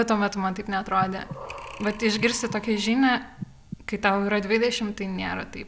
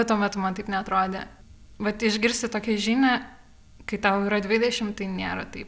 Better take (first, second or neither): second